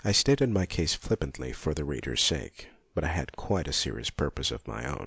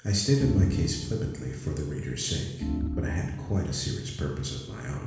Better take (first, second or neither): first